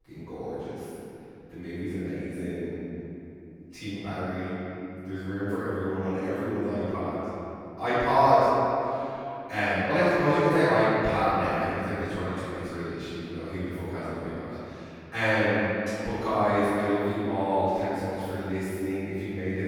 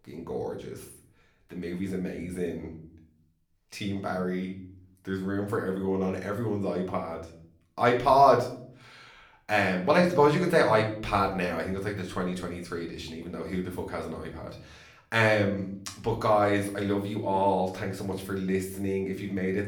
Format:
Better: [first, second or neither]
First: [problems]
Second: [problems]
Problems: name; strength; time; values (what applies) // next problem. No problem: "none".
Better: second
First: room echo; strong; dies away in 2.8 s // off-mic speech; far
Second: room echo; slight; dies away in 0.5 s // off-mic speech; far